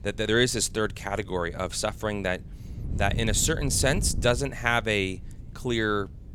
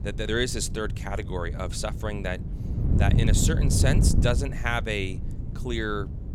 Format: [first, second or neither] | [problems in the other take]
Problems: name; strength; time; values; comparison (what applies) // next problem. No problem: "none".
first | wind noise on the microphone; heavy; 9 dB below the speech; occasional gusts in the first